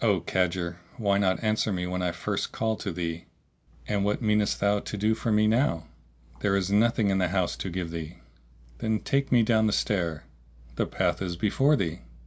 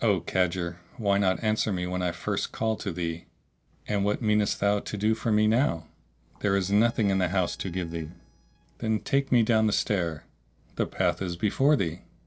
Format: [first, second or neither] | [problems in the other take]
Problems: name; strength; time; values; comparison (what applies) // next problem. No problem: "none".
first | noise reduction (neural separator model SepFormer DNS4)